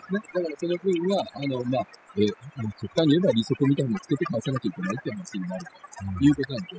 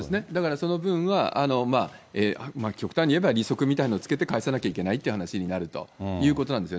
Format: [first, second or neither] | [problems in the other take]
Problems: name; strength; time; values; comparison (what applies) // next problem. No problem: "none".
second | noise reduction (classical method spectral subtraction)